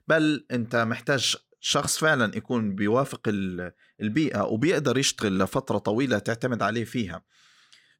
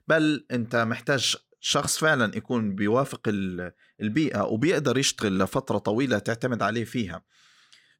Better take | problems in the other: neither | none

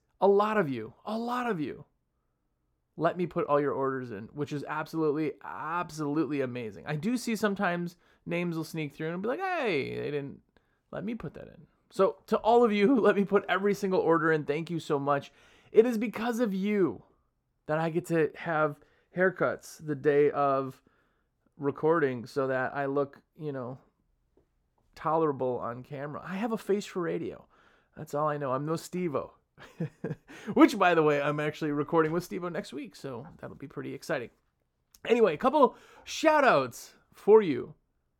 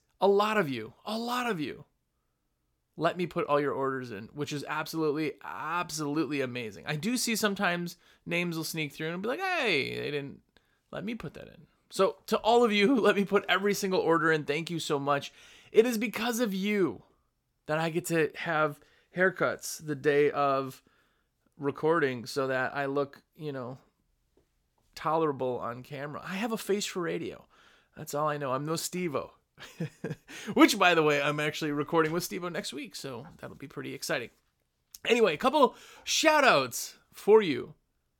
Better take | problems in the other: second | muffled; slightly; fading above 2 kHz

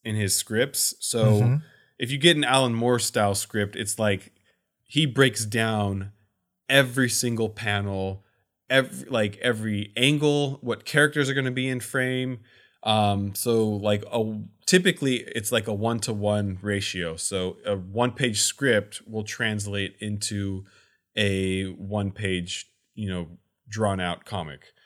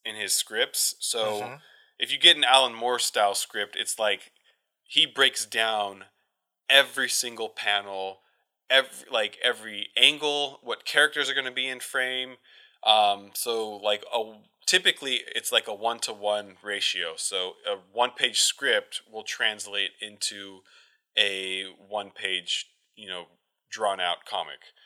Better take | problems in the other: first | thin; very; fading below 650 Hz

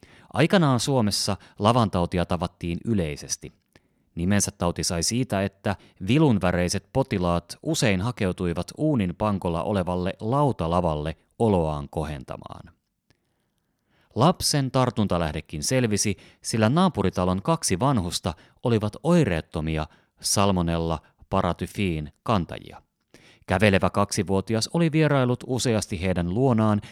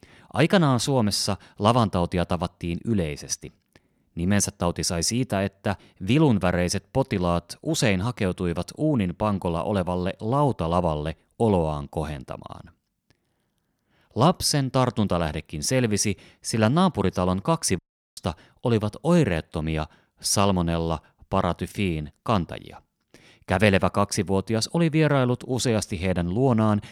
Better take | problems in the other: first | audio cutting out; at 18 s

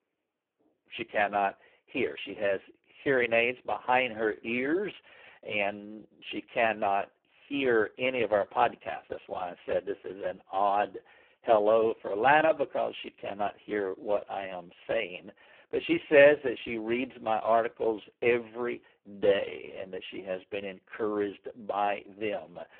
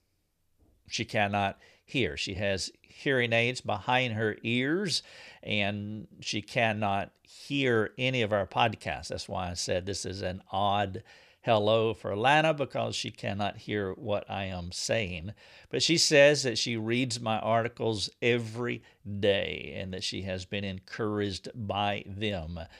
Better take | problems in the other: second | phone-call audio; poor line

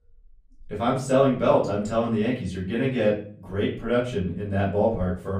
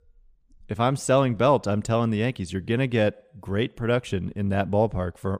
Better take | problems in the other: second | off-mic speech; far // room echo; slight; dies away in 0.4 s

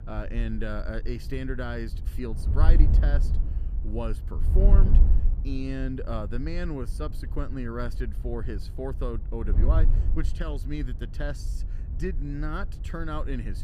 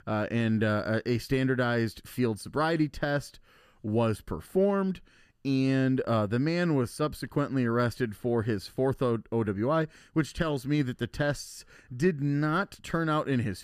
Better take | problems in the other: second | wind noise on the microphone; heavy; 10 dB below the speech

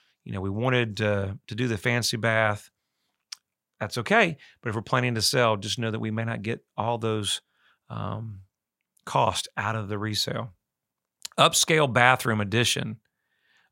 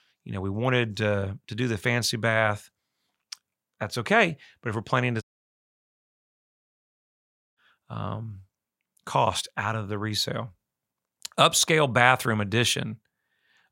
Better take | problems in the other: first | audio cutting out; at 5 s for 2.5 s

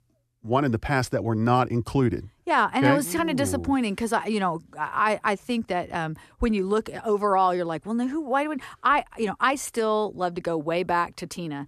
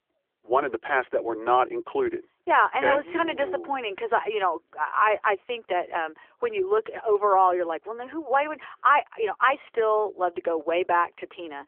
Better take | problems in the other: first | phone-call audio; nothing above 3 kHz

